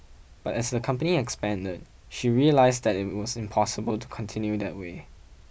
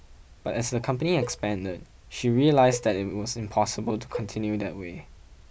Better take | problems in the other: first | background sound (Cowbell); 15 dB below the speech

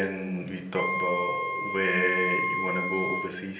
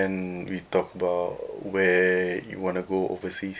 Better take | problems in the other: second | background sound (Wind instrument, woodwind instrument); 1 dB below the speech // room echo; dies away in 0.8 s

